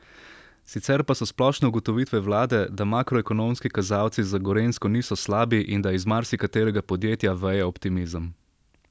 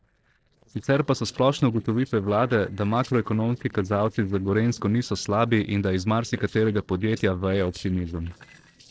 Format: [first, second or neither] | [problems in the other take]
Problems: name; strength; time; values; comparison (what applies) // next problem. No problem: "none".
first | noise reduction (neural separator model SepFormer DNS4)